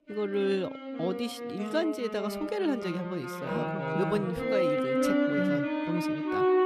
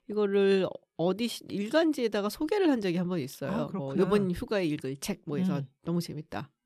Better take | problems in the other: second | background music; very loud; throughout; 2 dB above the speech

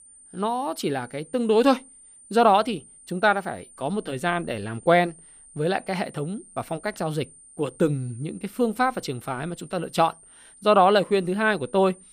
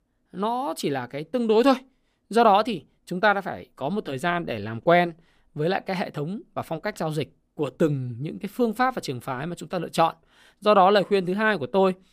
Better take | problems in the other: second | high-pitched whine; faint; throughout; 9 kHz, 25 dB below the speech

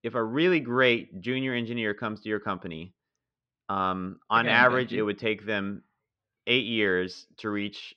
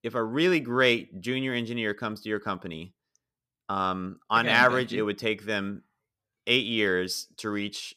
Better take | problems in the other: second | muffled; slightly; fading above 3.5 kHz

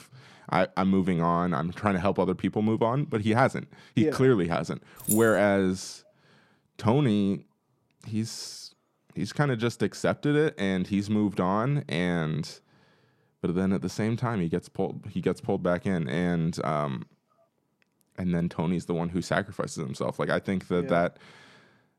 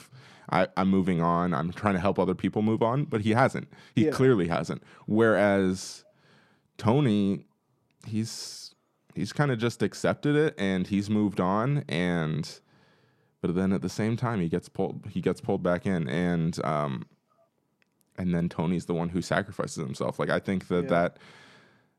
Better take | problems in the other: second | jangling keys; noticeable; at 5 s; peak 3 dB below the speech

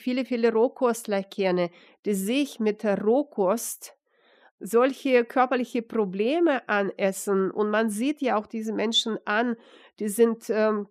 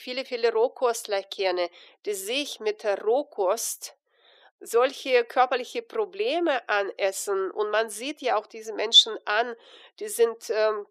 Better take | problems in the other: first | thin; very; fading below 350 Hz

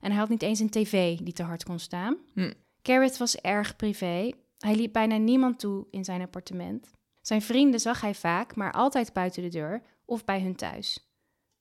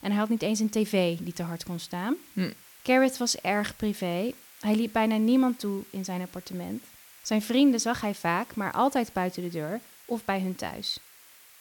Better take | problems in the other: first | hiss; faint; throughout; 20 dB below the speech

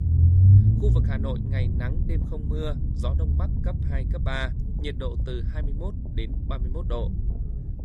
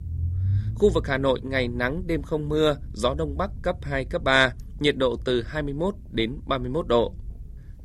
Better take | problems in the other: second | low rumble; loud; throughout; 1 dB below the speech; faint in the second

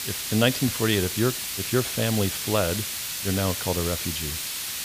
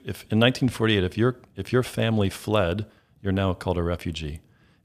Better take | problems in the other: second | hiss; loud; throughout; 2 dB below the speech

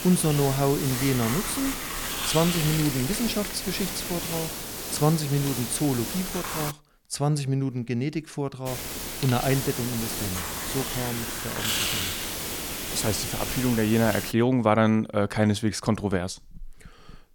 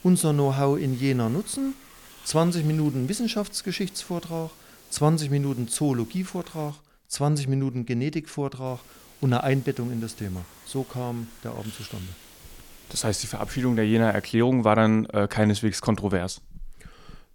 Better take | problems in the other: second | hiss; loud; until 6.5 s and from 8.5 to 14 s; 3 dB below the speech; faint in the second

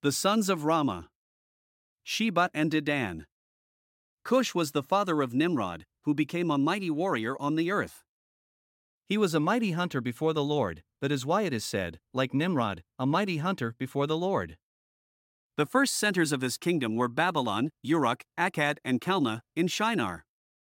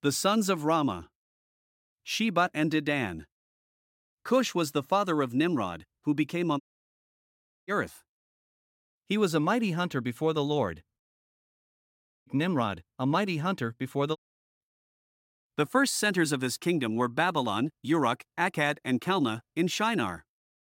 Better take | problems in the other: first | audio cutting out; at 6.5 s for 1 s, at 11 s for 1.5 s and at 14 s

